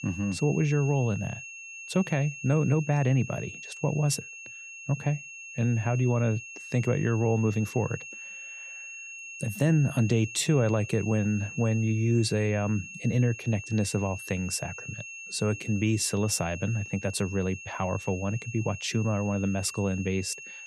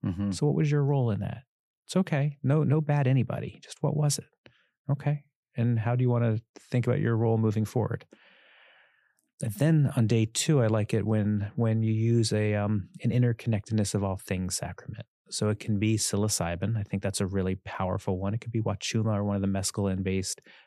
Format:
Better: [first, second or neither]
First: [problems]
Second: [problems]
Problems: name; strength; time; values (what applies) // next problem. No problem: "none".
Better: second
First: high-pitched whine; noticeable; throughout; 2.5 kHz, 10 dB below the speech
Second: none